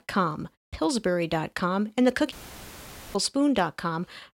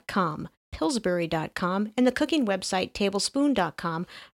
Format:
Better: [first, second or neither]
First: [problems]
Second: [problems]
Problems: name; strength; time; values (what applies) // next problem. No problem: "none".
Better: second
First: audio cutting out; filled with static; at 2.5 s for 1 s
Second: none